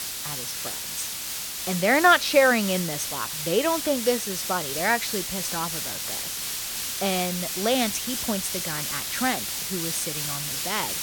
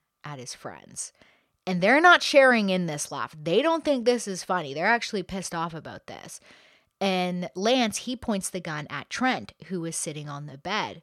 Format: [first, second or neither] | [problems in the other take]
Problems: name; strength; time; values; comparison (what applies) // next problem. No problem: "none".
second | hiss; loud; throughout; 3 dB below the speech